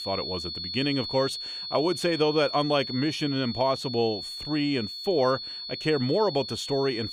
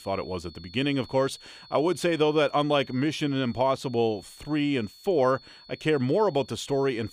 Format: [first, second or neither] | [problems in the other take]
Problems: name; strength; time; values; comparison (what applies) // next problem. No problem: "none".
second | high-pitched whine; loud; throughout; 4.5 kHz, 6 dB below the speech; faint in the second